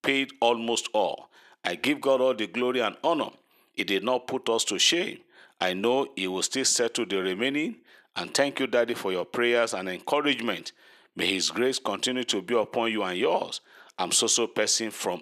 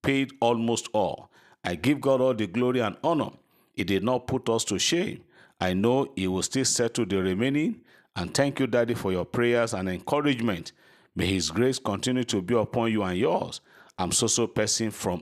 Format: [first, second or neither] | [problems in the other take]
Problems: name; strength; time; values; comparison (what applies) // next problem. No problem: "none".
second | thin; very slightly; fading below 350 Hz